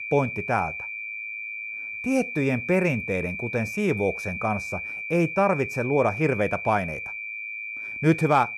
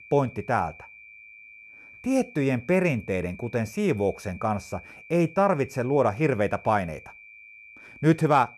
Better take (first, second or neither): second